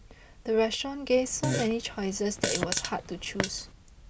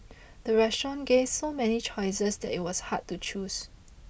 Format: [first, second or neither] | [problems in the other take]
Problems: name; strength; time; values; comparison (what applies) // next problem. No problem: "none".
second | background sound (Fart); 3 dB below the speech